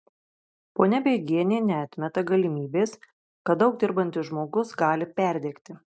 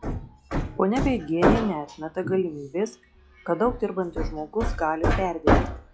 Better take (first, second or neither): first